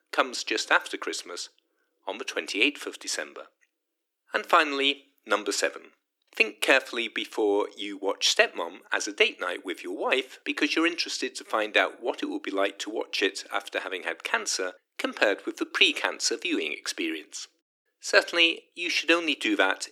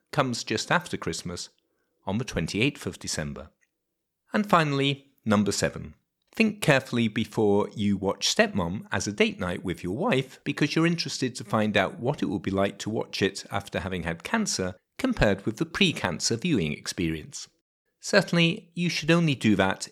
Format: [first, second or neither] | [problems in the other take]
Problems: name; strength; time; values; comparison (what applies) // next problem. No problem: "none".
second | thin; somewhat; fading below 300 Hz